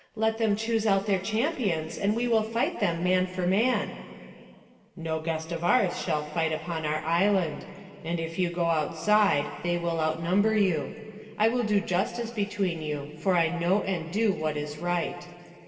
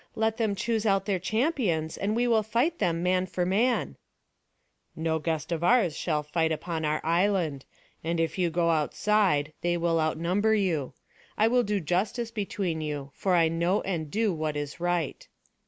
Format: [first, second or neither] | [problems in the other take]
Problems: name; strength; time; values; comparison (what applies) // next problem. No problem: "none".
second | room echo; dies away in 2.3 s